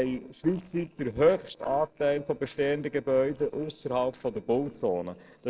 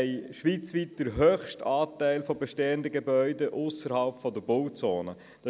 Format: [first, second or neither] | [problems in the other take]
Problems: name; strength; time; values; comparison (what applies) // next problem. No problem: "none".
second | noise reduction (neural separator model SepFormer DNS4)